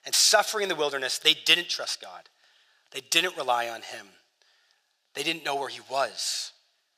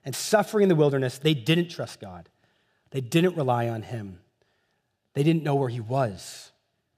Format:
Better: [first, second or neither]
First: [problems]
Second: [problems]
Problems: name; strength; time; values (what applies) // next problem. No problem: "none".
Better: second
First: thin; very; fading below 850 Hz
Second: none